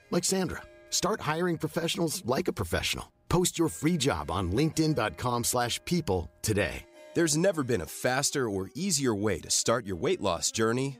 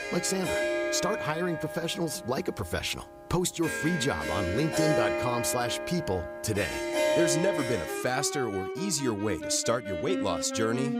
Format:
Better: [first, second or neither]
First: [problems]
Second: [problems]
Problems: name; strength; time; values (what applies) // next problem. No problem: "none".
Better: first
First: background music; faint; throughout; 30 dB below the speech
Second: background music; loud; throughout; 2 dB below the speech